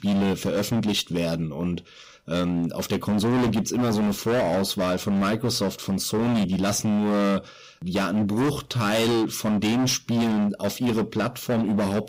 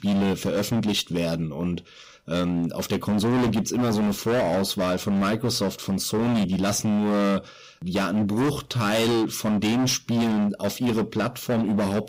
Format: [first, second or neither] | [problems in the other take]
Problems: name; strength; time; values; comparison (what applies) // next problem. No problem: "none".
neither | distortion; heavy; 25% of the sound clipped; the same in both